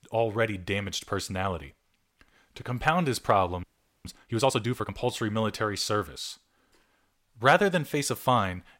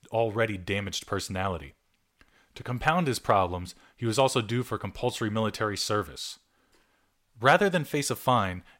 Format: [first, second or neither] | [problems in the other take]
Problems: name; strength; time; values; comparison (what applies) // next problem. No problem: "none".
second | audio freezing; at 3.5 s